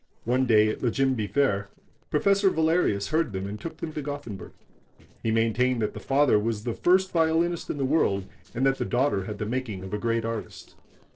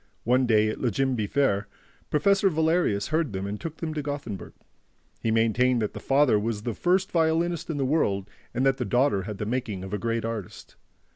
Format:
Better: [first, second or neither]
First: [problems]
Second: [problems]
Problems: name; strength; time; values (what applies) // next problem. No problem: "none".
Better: second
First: noise reduction (neural separator model SepFormer DNS4)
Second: none